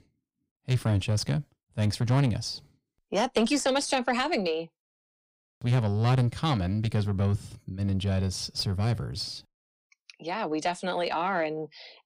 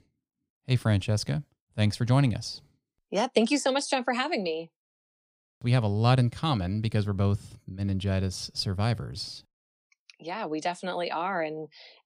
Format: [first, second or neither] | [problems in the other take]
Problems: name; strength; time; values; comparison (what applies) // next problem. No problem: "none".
second | distortion; slight; 10 dB below the speech